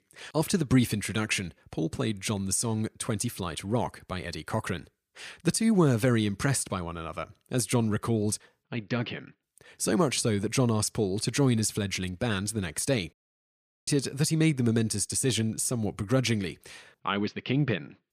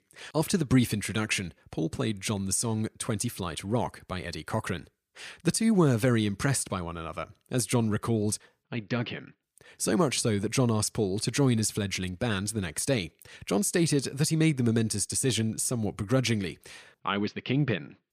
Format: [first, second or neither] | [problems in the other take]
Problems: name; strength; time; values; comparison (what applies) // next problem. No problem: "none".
second | audio cutting out; at 13 s for 0.5 s